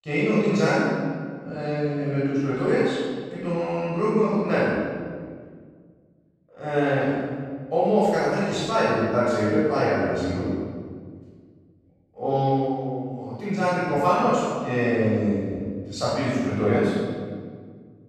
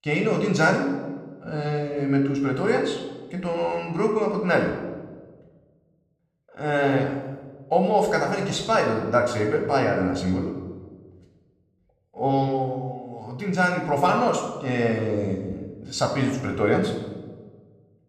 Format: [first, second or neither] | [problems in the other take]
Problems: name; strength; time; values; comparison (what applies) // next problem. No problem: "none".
second | room echo; strong; dies away in 1.7 s; slight in the second // off-mic speech; far